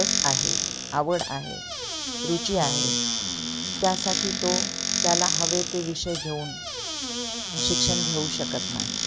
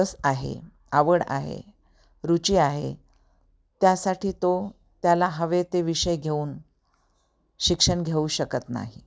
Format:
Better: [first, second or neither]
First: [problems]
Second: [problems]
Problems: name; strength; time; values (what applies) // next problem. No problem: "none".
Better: second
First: background sound (Squeak / Cupboard open or close); 2 dB above the speech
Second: none